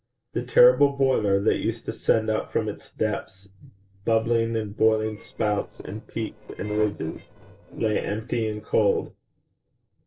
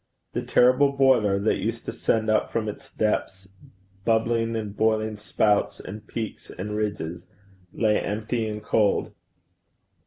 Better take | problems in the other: second | noise reduction (neural separator model SepFormer DNS4)

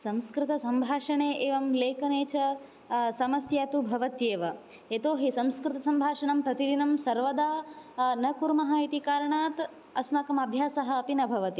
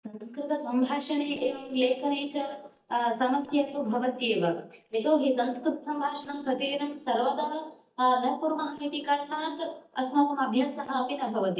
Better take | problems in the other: first | noise reduction (neural mask model DeepFilterNet 3)

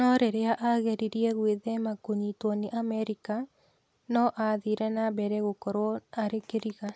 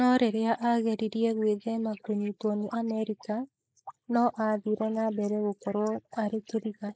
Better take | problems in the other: first | noise reduction (neural mask model Resemble Enhance denoiser)

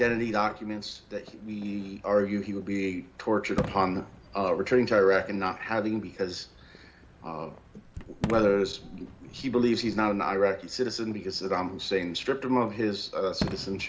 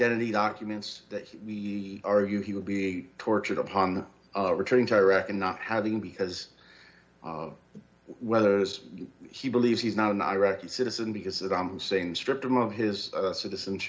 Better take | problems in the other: second | background sound (Fireworks); 14 dB below the speech

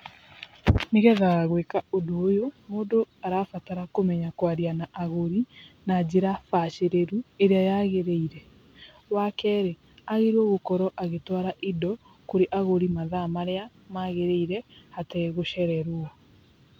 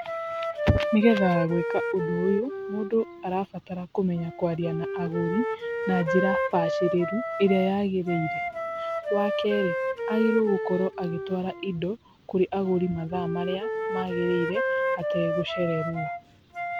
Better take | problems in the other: first | background sound (Wind instrument, woodwind instrument); 3 dB below the speech

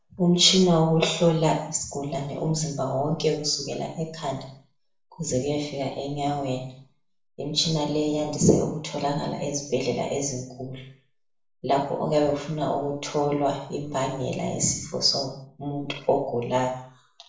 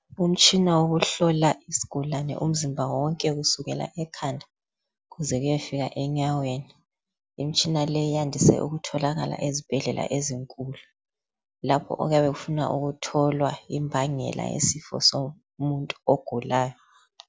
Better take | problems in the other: second | room echo; dies away in 0.5 s

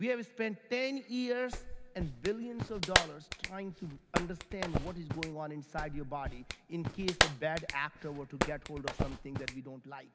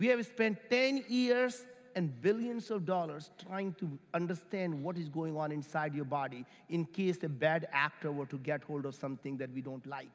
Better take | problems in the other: second | background sound (Clapping); 2 dB above the speech

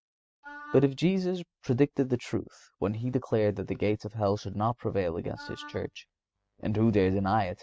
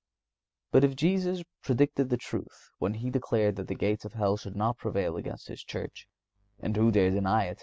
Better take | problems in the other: second | noise reduction (neural mask model RNNoise)

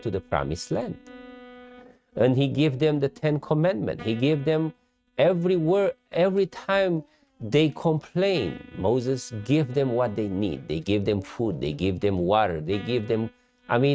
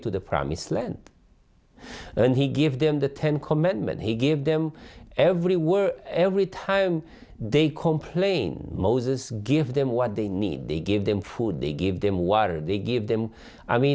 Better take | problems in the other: second | noise reduction (neural mask model RNNoise)

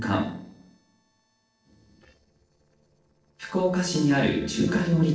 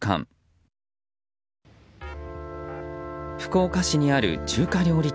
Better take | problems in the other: second | noise reduction (neural separator model SepFormer DNS4)

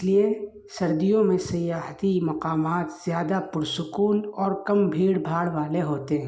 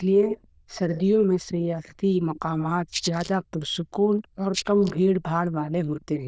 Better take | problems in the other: first | noise reduction (neural diffusion model UNIVERSE++)

